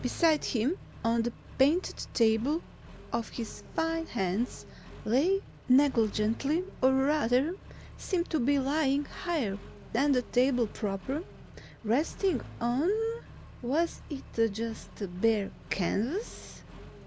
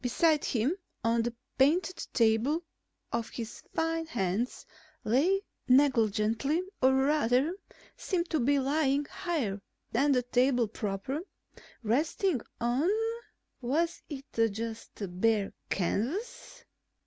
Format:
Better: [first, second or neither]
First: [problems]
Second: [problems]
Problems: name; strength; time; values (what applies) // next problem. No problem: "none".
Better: second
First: background sound (Accelerating, revving, vroom); 17 dB below the speech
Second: none